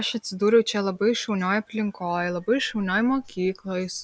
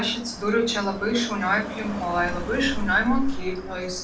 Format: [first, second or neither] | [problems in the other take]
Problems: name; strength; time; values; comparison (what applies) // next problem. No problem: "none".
first | background sound (Car passing by); 12 dB below the speech // room echo; dies away in 0.4 s